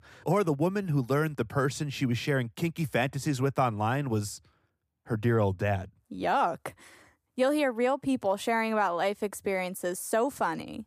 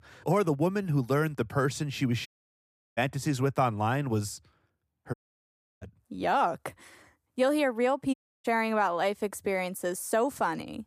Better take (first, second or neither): first